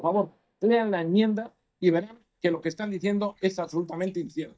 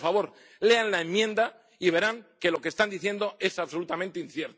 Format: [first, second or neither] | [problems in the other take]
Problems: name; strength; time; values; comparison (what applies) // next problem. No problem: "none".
second | noise reduction (neural mask model DeepFilterNet 3)